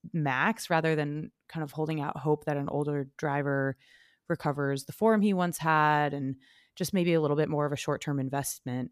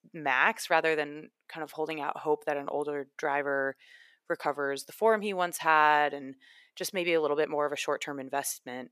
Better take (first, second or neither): first